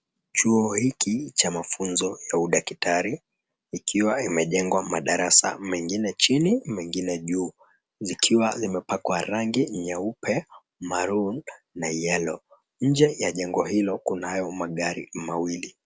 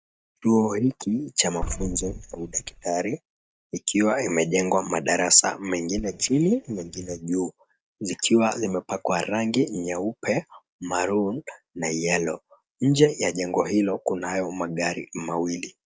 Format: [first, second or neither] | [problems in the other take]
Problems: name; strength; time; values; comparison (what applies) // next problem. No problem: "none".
first | noise reduction (neural mask model DeepFilterNet 3)